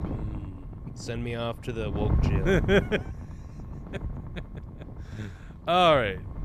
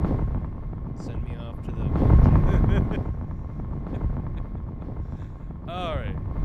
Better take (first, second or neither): first